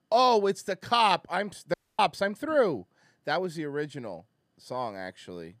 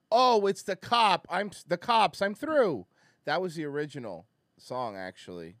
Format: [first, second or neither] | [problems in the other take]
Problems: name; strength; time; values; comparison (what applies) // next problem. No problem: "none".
second | audio cutting out; at 1.5 s